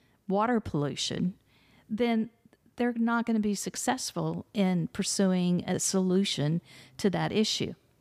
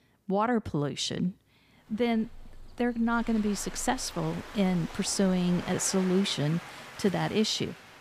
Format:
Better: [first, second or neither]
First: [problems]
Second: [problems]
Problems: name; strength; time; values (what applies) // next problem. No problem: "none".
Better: first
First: none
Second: rain or running water; noticeable; from 2 s on; 15 dB below the speech